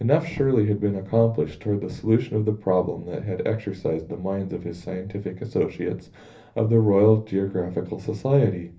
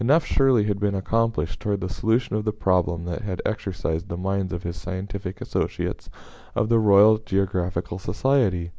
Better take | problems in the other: second | room echo; dies away in 0.3 s

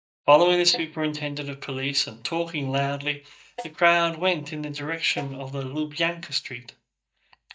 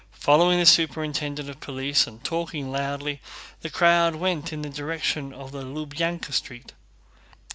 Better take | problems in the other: second | noise reduction (neural mask model DeepFilterNet 3)

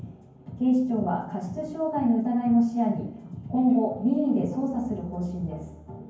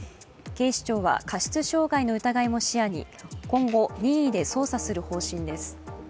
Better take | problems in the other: second | room echo; dies away in 0.9 s

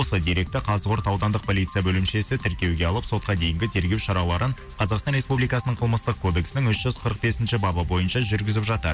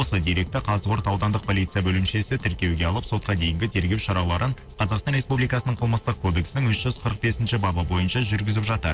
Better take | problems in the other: first | noise reduction (neural separator model SepFormer DNS4)

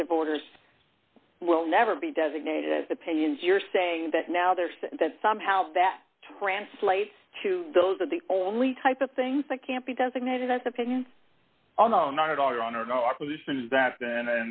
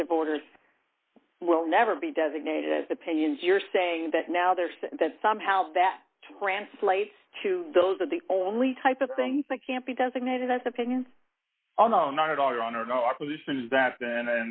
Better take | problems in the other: first | noise reduction (neural mask model Resemble Enhance denoiser)

